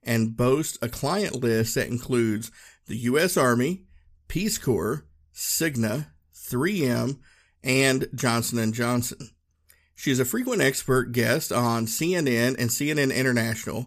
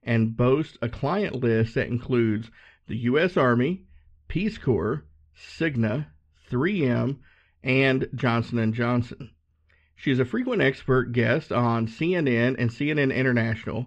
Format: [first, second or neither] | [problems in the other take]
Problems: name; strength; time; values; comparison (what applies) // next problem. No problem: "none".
first | muffled; very; fading above 3 kHz